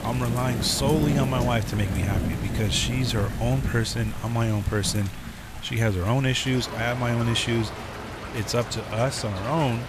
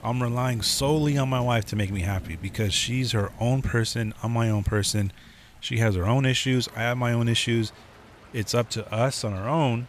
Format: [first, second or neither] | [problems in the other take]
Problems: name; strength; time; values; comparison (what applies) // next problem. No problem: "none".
second | rain or running water; loud; throughout; 6 dB below the speech; faint in the second